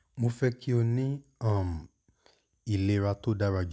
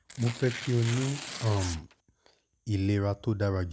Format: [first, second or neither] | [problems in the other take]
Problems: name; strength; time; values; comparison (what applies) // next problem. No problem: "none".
first | background sound (Tearing); 11 dB below the speech